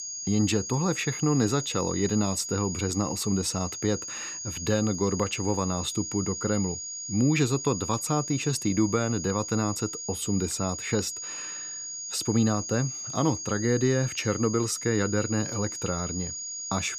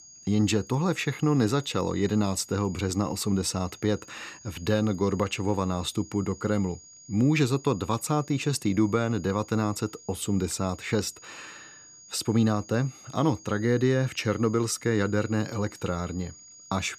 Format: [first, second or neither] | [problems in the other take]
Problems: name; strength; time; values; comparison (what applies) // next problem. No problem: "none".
second | high-pitched whine; loud; throughout; 6.5 kHz, 6 dB below the speech; faint in the second